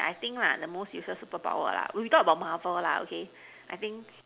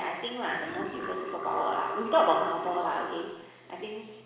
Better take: first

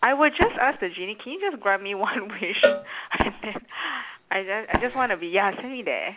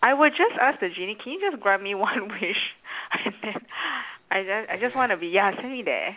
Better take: second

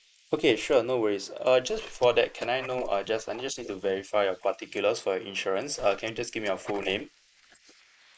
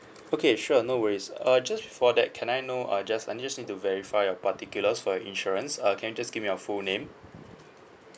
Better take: second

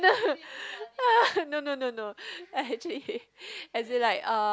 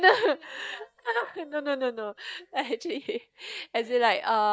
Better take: first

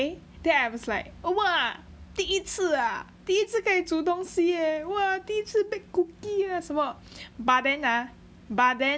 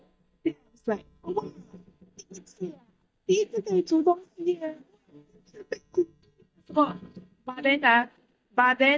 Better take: first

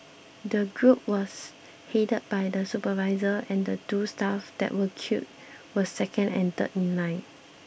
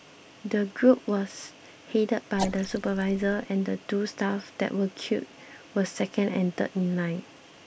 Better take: first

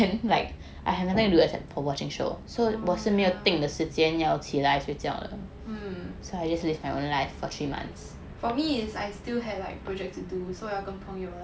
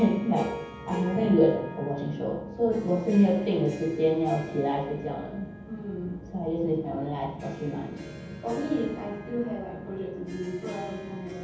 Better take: first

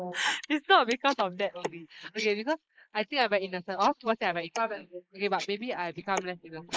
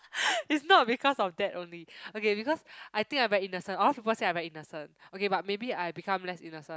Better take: second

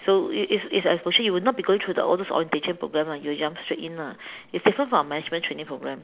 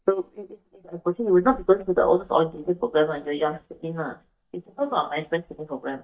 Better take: first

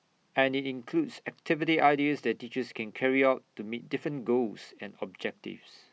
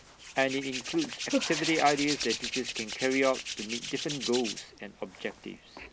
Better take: first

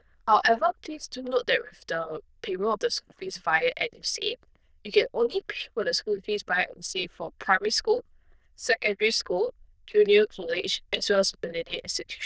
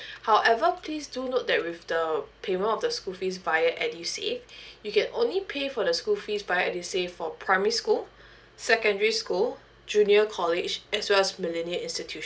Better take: second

